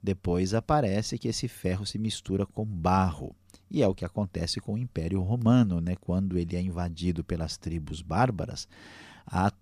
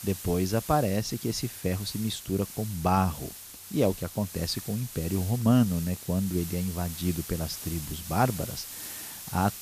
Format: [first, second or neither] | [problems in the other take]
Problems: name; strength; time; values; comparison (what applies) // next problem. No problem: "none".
first | hiss; loud; throughout; 10 dB below the speech